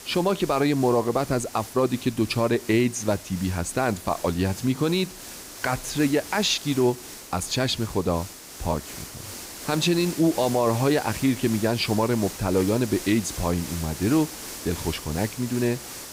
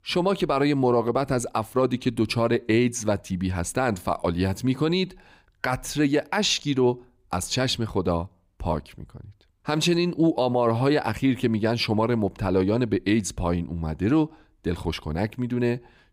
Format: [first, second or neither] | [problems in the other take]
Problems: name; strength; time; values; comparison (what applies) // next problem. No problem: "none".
second | hiss; noticeable; throughout; 10 dB below the speech